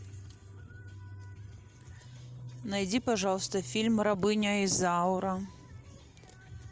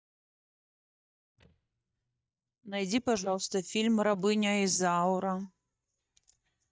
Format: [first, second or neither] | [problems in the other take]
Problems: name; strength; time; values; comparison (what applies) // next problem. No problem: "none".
first | noise reduction (neural mask model DeepFilterNet 3)